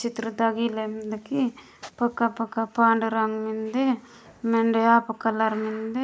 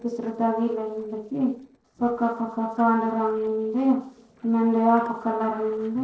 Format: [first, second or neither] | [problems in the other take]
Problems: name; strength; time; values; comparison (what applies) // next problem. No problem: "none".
first | noise reduction (neural separator model SepFormer DNS4)